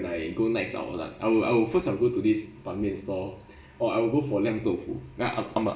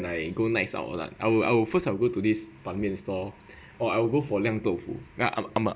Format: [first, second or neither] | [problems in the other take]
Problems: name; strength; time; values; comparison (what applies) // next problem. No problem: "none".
second | room echo; dies away in 0.7 s